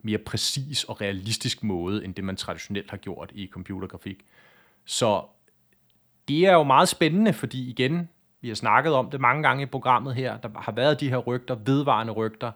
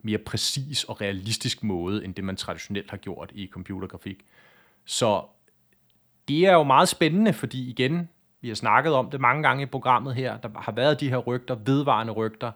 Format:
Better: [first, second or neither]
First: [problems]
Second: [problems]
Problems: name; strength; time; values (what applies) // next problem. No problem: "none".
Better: neither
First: none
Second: none